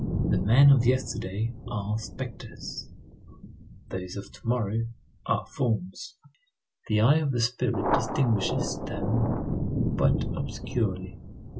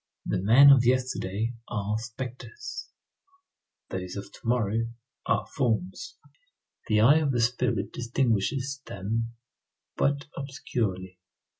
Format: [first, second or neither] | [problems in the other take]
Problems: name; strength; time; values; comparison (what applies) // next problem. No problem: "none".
second | background sound (Thunder); 5 dB below the speech